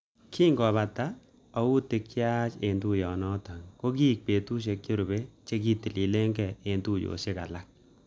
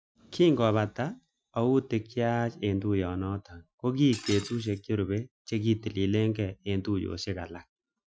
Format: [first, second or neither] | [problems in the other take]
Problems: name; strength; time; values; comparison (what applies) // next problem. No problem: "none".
first | noise reduction (classical method Wiener filter)